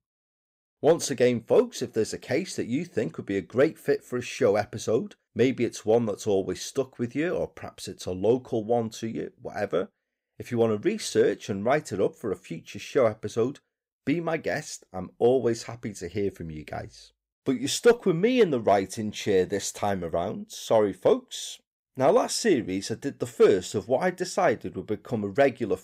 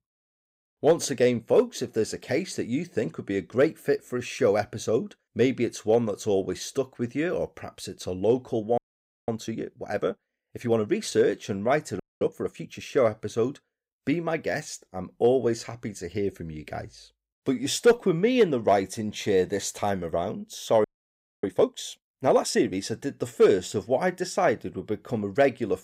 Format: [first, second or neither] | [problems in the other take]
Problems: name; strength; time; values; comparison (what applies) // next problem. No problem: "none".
first | audio freezing; at 9 s for 0.5 s, at 12 s and at 21 s for 0.5 s